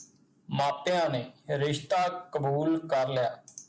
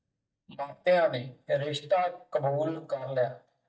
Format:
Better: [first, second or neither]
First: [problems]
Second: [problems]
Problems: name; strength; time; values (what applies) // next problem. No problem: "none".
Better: first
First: none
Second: noise reduction (neural mask model DeepFilterNet 3)